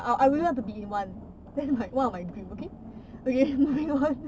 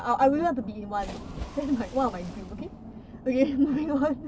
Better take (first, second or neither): first